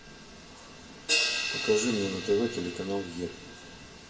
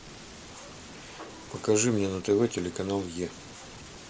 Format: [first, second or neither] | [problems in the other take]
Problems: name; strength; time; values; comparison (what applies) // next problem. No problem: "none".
second | background sound (Crash cymbal); 3 dB below the speech // room echo; dies away in 1.4 s